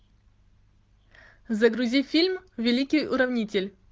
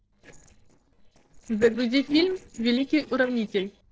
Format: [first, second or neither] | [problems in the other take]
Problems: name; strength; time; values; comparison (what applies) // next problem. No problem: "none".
first | noise reduction (neural separator model SepFormer DNS4)